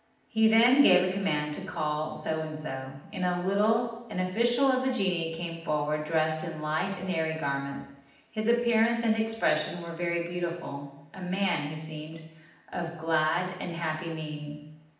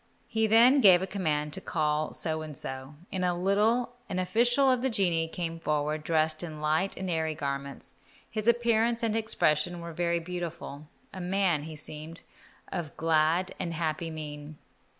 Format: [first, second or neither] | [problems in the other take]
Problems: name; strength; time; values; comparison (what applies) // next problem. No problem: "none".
second | room echo; dies away in 0.8 s